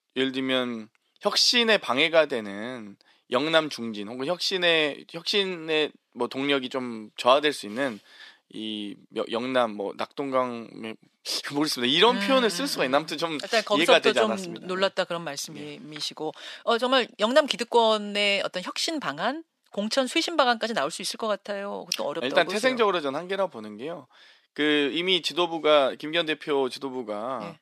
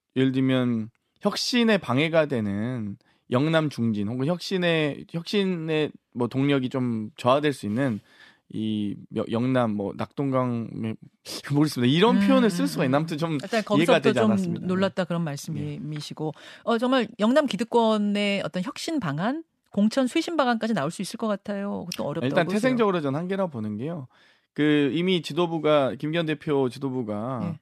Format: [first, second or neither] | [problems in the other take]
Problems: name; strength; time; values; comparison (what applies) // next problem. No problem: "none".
second | thin; somewhat; fading below 400 Hz